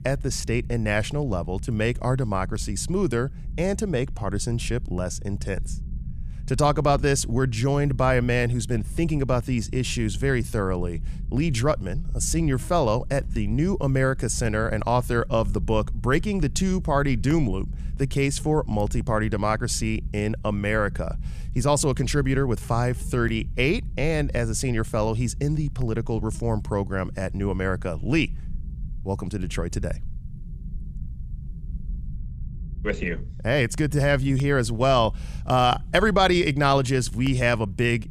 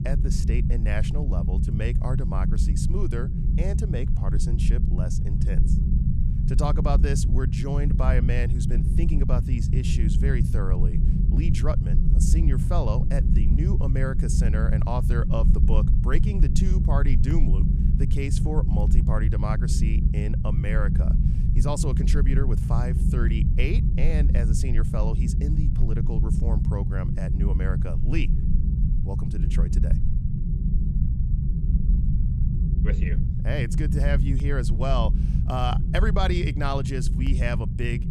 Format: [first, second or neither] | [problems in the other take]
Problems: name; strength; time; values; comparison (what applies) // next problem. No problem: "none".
first | low rumble; loud; throughout; 4 dB below the speech; faint in the first